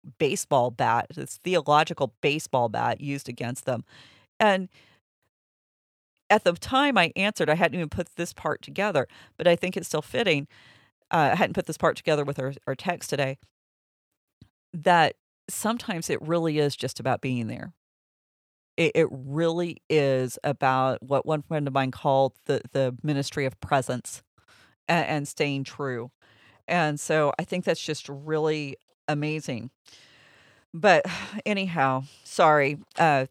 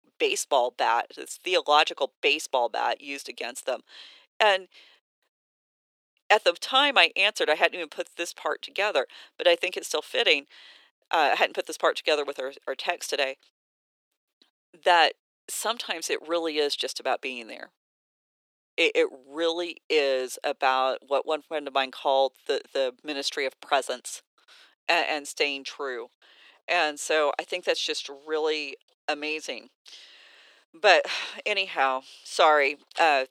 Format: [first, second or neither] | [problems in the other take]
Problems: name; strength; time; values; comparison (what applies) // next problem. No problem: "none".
first | thin; very; fading below 350 Hz